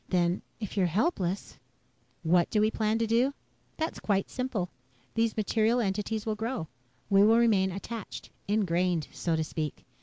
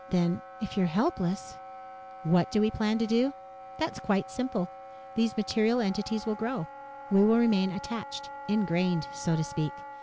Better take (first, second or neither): first